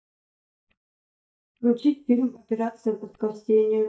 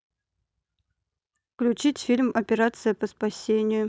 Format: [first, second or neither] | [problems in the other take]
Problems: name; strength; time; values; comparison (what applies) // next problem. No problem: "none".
second | noise reduction (neural mask model DeepFilterNet 3)